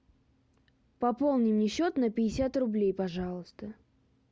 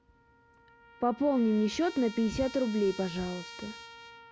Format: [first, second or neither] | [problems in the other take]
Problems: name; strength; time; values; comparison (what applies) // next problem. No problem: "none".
first | background sound (Trumpet); 17 dB below the speech